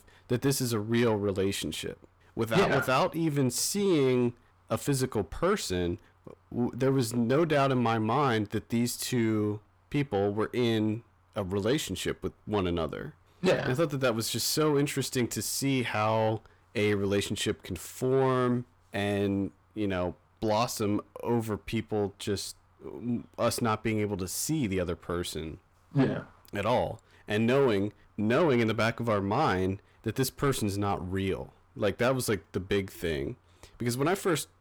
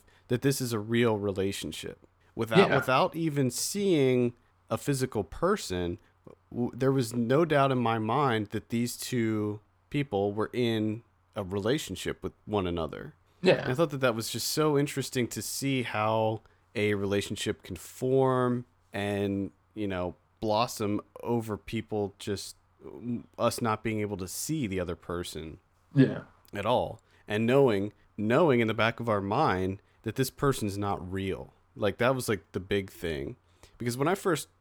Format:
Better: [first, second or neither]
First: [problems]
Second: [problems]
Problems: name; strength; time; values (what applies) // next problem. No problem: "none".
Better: second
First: distortion; slight; 10 dB below the speech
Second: none